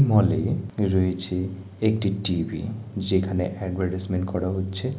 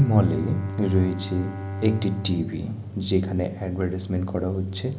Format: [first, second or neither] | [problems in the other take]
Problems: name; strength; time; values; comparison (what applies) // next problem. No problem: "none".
first | background sound (Bowed string instrument); 10 dB below the speech